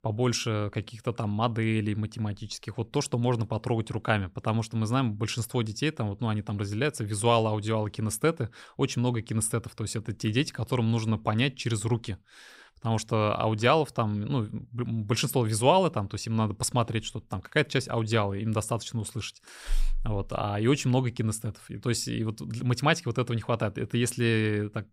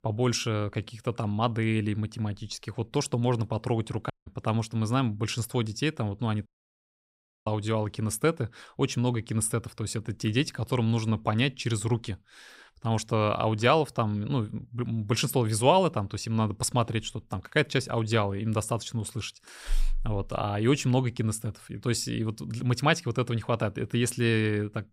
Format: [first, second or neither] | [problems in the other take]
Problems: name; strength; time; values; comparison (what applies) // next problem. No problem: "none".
first | audio cutting out; at 4 s and at 6.5 s for 1 s